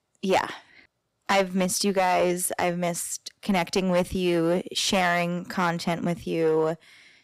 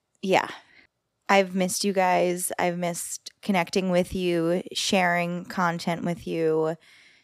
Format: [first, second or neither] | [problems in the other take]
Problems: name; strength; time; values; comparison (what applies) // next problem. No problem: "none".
second | distortion; slight; 4% of the sound clipped